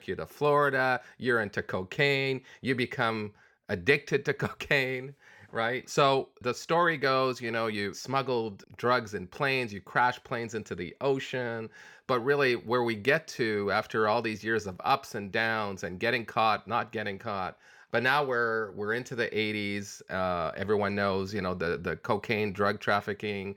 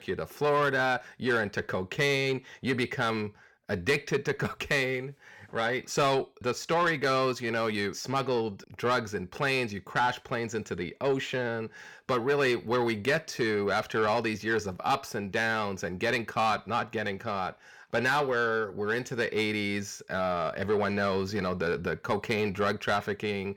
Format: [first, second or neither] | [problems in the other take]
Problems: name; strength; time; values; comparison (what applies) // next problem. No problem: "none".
first | distortion; slight; 10 dB below the speech